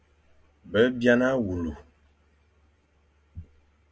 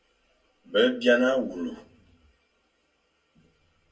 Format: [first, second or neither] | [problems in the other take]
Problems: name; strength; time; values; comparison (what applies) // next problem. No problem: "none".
first | room echo; dies away in 0.2 s